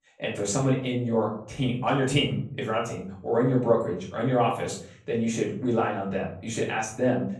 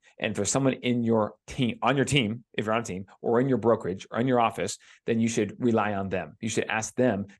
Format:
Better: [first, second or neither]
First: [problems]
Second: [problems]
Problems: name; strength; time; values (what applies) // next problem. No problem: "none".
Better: second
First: off-mic speech; far // room echo; slight; dies away in 0.5 s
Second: none